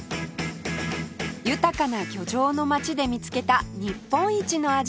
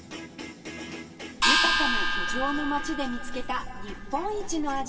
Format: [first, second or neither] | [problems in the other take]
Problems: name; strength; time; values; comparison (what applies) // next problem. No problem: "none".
first | background sound (Gong); 5 dB above the speech // room echo; dies away in 1.7 s